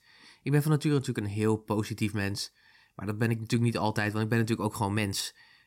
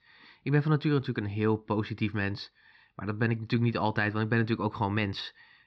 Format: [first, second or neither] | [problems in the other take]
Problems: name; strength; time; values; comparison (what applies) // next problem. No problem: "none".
first | muffled; slightly; fading above 4 kHz